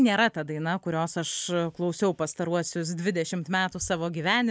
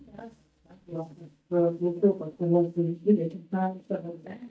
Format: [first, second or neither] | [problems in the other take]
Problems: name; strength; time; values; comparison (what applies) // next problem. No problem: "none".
first | noise reduction (neural mask model DeepFilterNet 3)